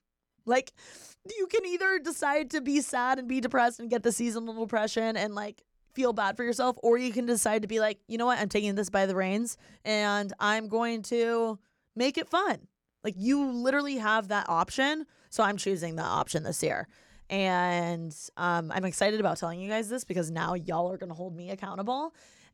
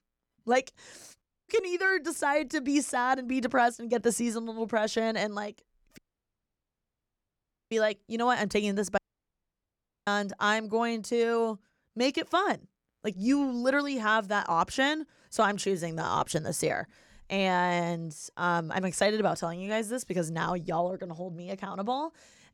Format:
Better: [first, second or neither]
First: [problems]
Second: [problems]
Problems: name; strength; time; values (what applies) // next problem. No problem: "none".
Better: first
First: none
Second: audio cutting out; at 1 s, at 6 s for 1.5 s and at 9 s for 1 s